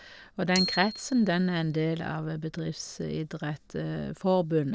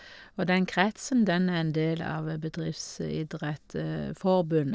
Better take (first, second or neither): second